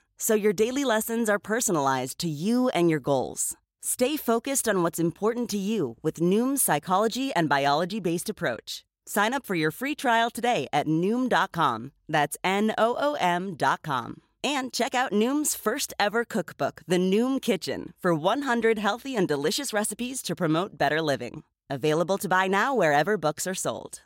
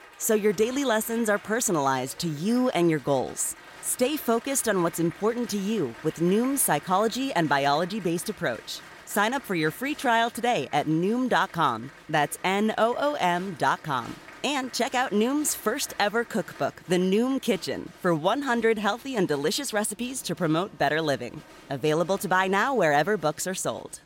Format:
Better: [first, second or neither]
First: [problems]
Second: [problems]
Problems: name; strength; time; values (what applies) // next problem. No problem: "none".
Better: first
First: none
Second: crowd noise; faint; throughout; 20 dB below the speech